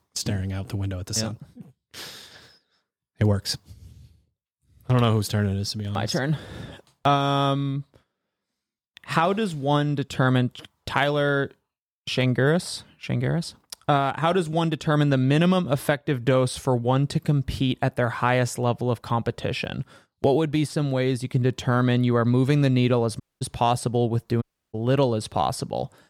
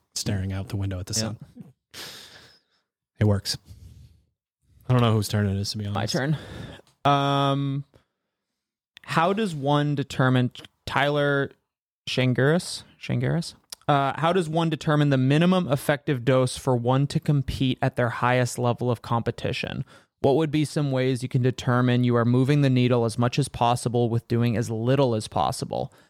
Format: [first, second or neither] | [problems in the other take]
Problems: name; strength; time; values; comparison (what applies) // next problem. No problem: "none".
second | audio cutting out; at 23 s and at 24 s